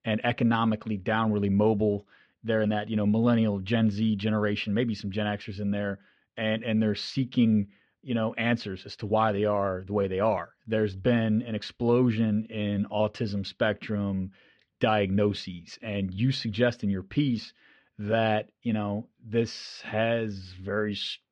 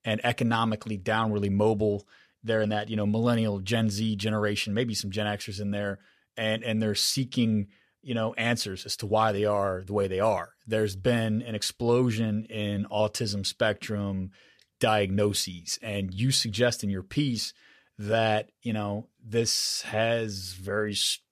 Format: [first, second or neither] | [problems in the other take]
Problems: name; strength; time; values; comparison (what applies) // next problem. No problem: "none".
second | muffled; slightly; fading above 3.5 kHz